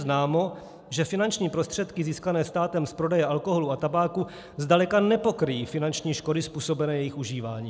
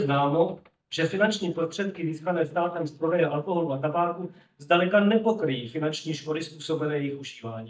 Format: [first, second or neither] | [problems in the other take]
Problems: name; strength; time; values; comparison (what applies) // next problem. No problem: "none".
first | noise reduction (neural mask model DeepFilterNet 3)